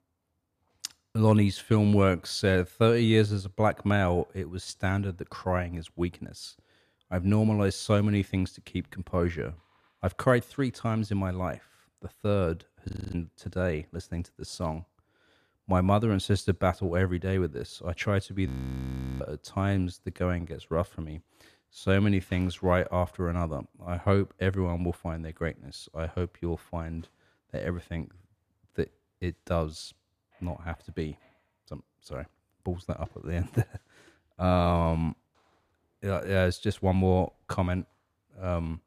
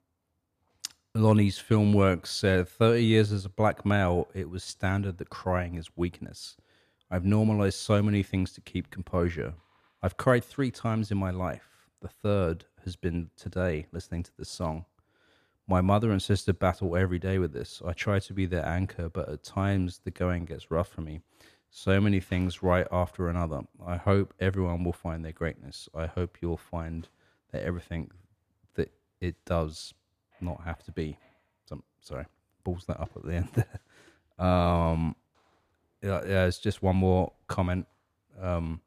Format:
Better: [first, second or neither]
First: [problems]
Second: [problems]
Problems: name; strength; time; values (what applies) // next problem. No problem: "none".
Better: second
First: audio freezing; at 13 s and at 18 s for 0.5 s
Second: none